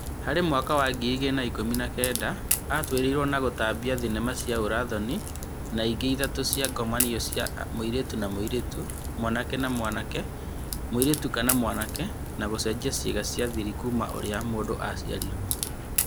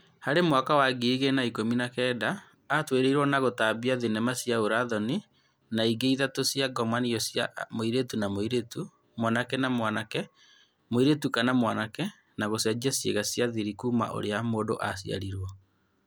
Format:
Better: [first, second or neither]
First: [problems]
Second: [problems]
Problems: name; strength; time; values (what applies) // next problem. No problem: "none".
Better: second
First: background sound (Crack); 4 dB below the speech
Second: none